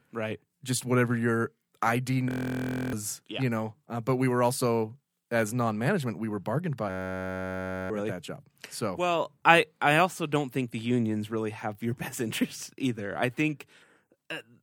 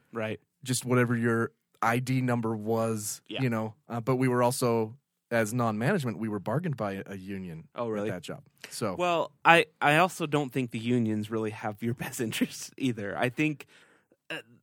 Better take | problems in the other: second | audio freezing; at 2.5 s for 0.5 s and at 7 s for 1 s

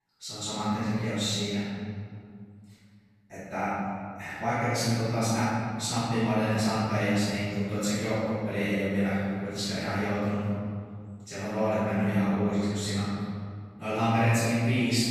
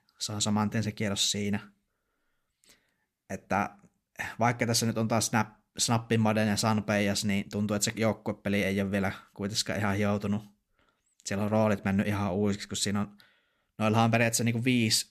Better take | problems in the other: second | off-mic speech; far // room echo; strong; dies away in 2 s

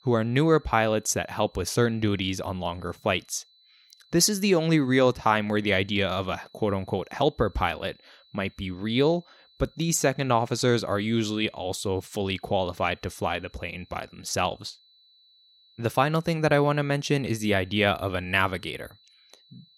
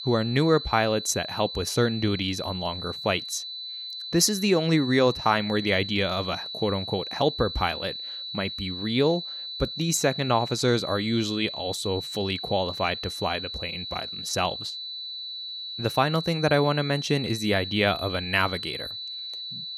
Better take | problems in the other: first | high-pitched whine; loud; throughout; 4 kHz, 7 dB below the speech; faint in the first

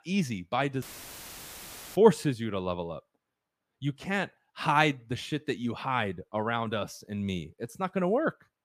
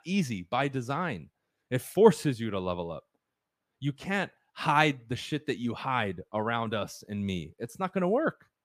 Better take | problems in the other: second | audio cutting out; filled with static; at 1 s for 1 s

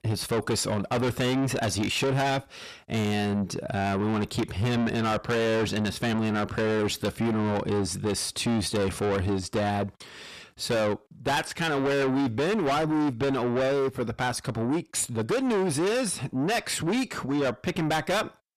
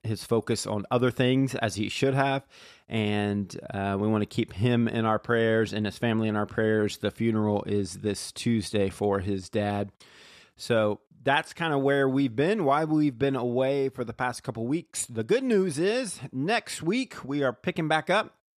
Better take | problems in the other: second | distortion; heavy; 6 dB below the speech

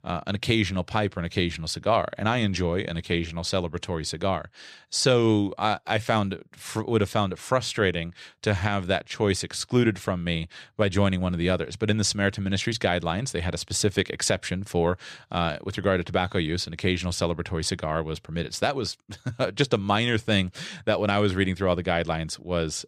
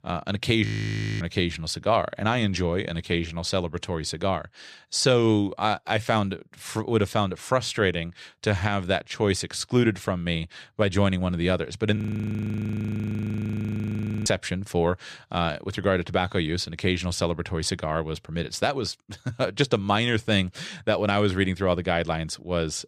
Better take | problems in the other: first | audio freezing; at 0.5 s for 0.5 s and at 12 s for 2.5 s

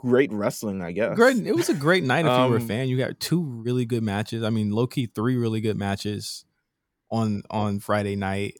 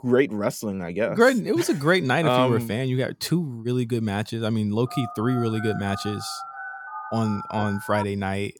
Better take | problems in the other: first | phone ringing; noticeable; from 5 to 8 s; peak 9 dB below the speech

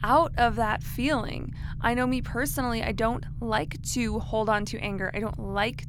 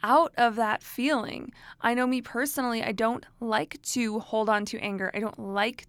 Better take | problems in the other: second | low rumble; faint; throughout; 25 dB below the speech

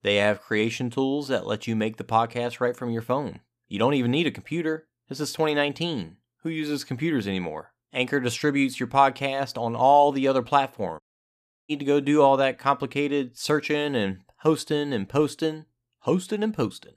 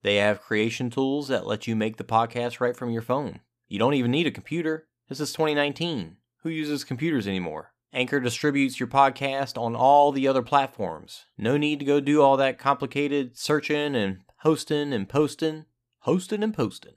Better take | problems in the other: second | audio cutting out; at 11 s for 0.5 s

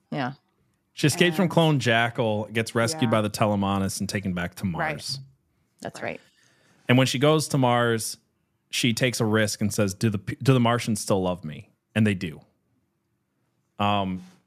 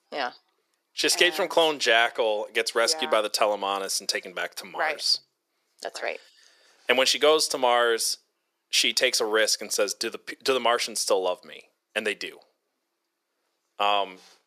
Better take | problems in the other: first | thin; very; fading below 400 Hz

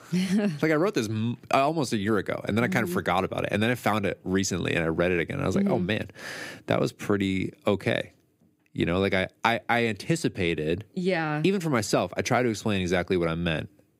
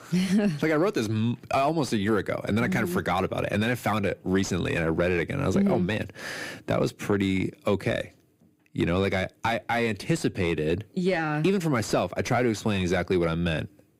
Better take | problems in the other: first | distortion; slight; 10 dB below the speech

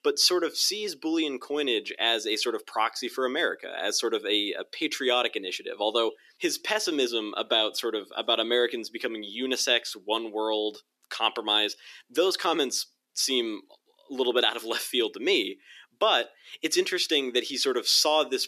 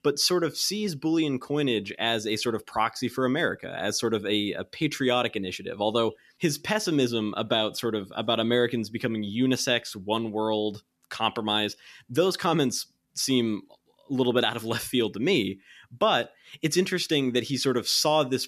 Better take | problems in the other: second | thin; somewhat; fading below 350 Hz

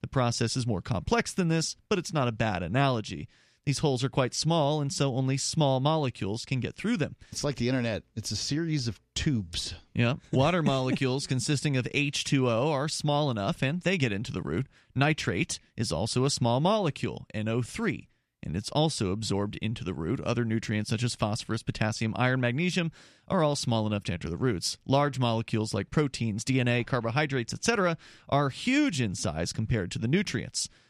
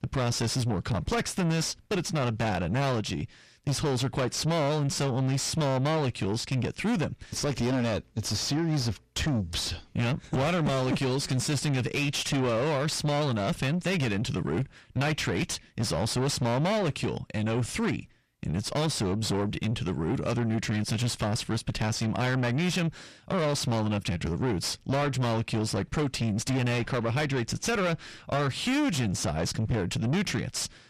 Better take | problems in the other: first | distortion; heavy; 6 dB below the speech

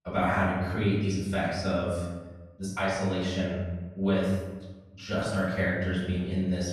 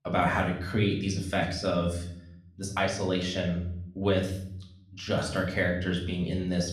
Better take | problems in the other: second | room echo; strong; dies away in 1.1 s; slight in the second // off-mic speech; far; far in the second

